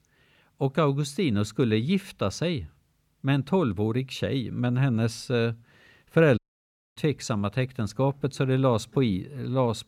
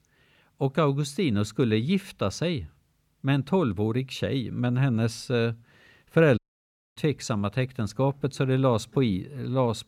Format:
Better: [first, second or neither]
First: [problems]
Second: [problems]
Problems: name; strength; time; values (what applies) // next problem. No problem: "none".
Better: neither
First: audio cutting out; at 6.5 s for 0.5 s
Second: audio cutting out; at 6.5 s for 0.5 s